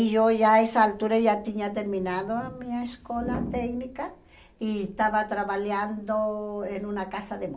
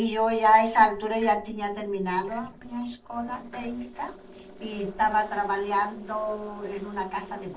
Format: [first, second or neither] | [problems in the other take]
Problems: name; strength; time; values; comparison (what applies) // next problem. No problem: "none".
first | noise reduction (neural separator model SepFormer DNS4)